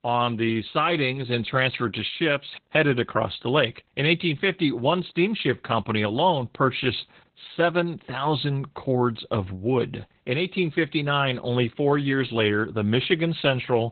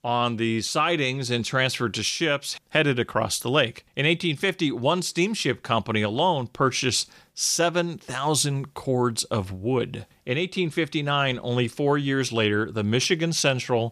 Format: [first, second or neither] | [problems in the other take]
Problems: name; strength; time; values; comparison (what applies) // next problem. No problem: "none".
second | garbled, watery; badly; nothing above 4 kHz